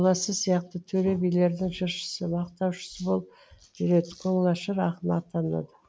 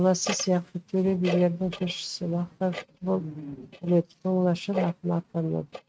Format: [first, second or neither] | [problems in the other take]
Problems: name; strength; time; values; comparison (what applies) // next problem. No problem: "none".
first | noise reduction (neural mask model RNNoise)